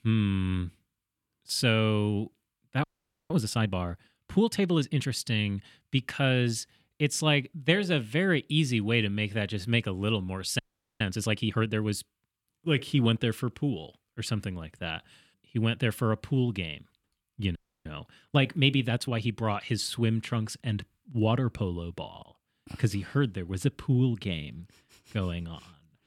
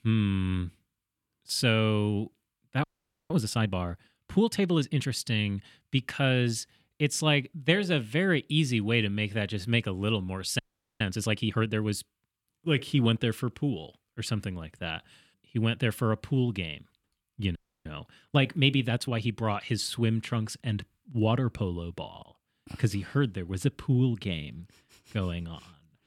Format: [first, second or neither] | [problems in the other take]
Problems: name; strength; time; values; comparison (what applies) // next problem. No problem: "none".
neither | audio freezing; at 3 s, at 11 s and at 18 s; the same in both